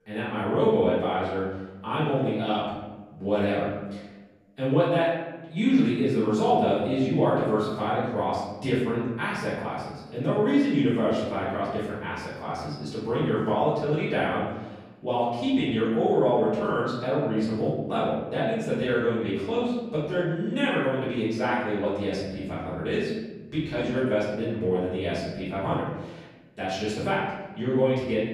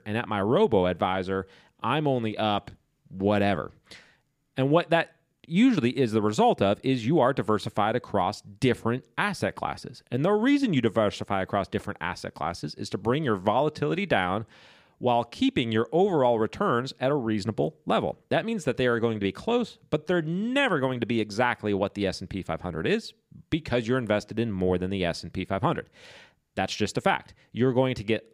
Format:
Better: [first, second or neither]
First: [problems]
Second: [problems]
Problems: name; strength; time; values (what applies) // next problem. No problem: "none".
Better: second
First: room echo; noticeable; dies away in 1 s // off-mic speech; far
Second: none